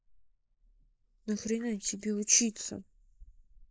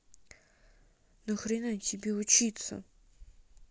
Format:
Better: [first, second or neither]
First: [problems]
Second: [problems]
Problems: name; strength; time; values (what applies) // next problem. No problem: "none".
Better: second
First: noise reduction (neural mask model Resemble Enhance denoiser)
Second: none